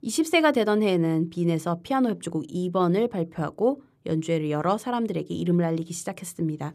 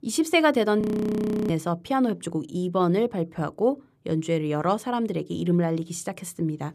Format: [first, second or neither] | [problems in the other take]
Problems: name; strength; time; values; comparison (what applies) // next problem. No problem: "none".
first | audio freezing; at 1 s for 0.5 s